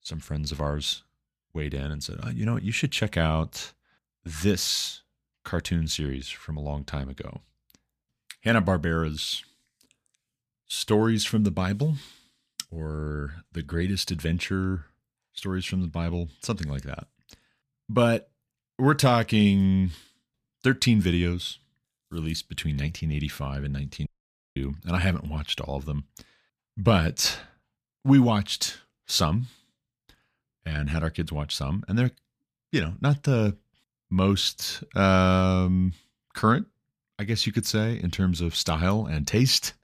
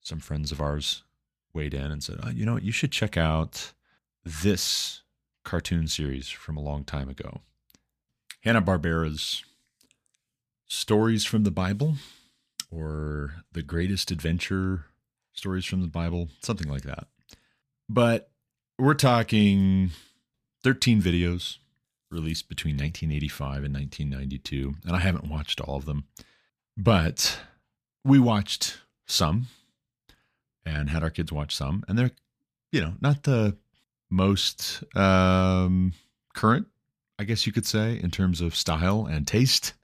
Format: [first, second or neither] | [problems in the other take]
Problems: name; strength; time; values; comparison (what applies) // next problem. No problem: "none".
second | audio cutting out; at 24 s for 0.5 s